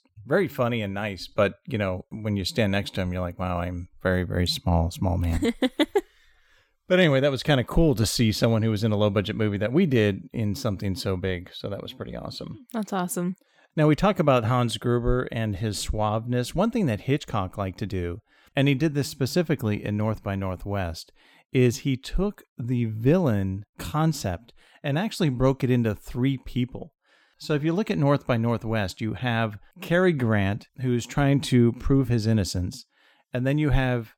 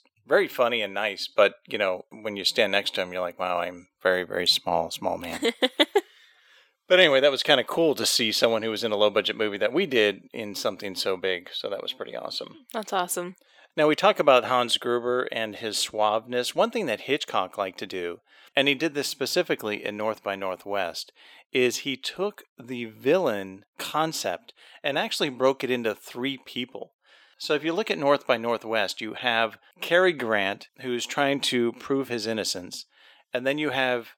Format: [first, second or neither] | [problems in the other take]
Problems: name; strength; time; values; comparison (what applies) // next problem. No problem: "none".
first | thin; somewhat; fading below 500 Hz